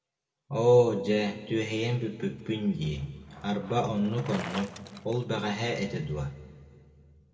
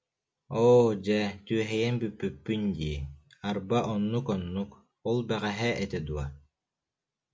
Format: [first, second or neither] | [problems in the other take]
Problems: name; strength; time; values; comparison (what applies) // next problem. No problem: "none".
second | background sound (Bicycle); 19 dB below the speech // room echo; dies away in 1.8 s